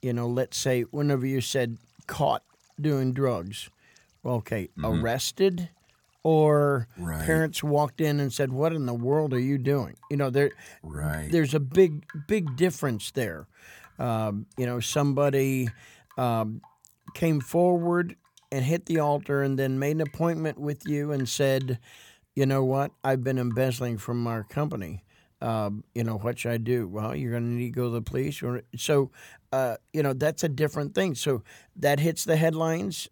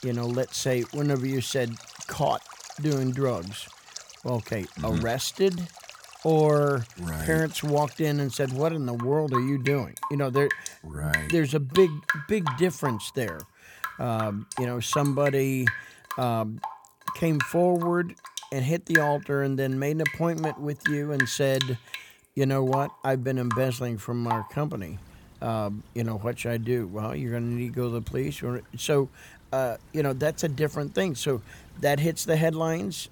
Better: first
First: rain or running water; faint; throughout; 30 dB below the speech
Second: rain or running water; loud; throughout; 7 dB below the speech

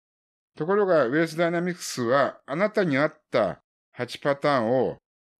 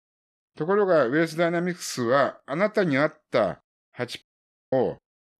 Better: first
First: none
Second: audio cutting out; at 4 s for 0.5 s

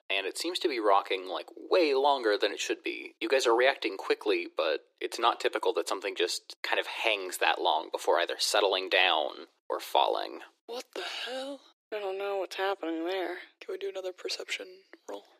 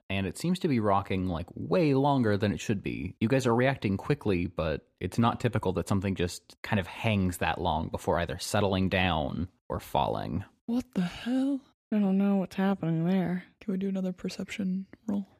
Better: second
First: thin; very; fading below 350 Hz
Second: none

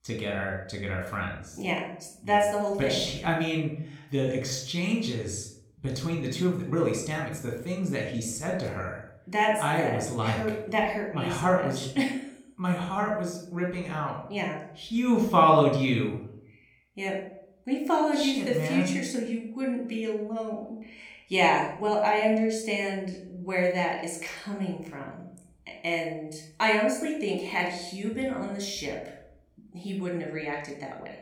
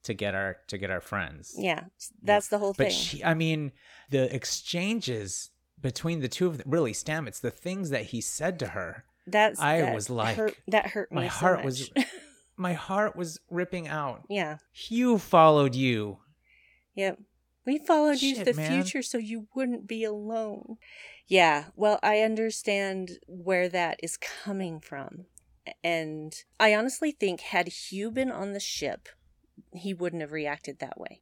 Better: second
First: room echo; noticeable; dies away in 0.5 s // off-mic speech; somewhat distant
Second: none

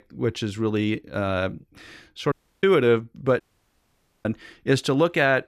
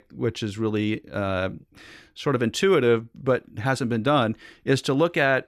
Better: second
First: audio cutting out; at 2.5 s and at 3.5 s for 1 s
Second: none

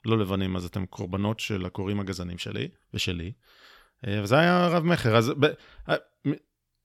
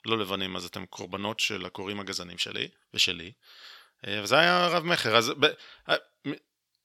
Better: first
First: none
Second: thin; somewhat; fading below 650 Hz

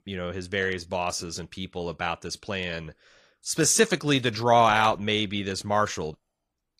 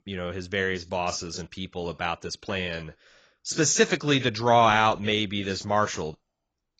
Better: first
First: garbled, watery; slightly; nothing above 15 kHz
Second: garbled, watery; badly; nothing above 7.5 kHz

